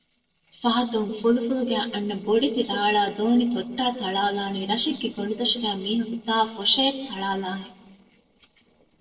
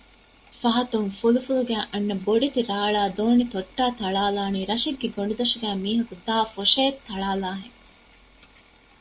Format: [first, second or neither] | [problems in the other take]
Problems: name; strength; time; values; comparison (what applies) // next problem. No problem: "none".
second | noise reduction (neural separator model SepFormer DNS4)